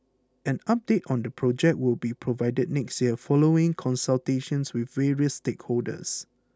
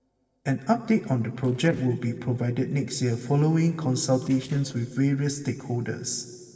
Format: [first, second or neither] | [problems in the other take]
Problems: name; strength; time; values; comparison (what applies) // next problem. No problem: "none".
first | noise reduction (neural separator model SepFormer DNS4)